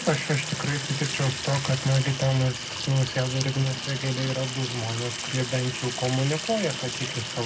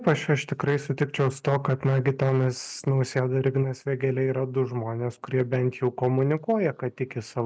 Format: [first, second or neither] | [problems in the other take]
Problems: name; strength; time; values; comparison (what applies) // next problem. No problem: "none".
second | background sound (Sink (filling or washing) / Water tap, faucet); 6 dB below the speech // room echo; dies away in 0.3 s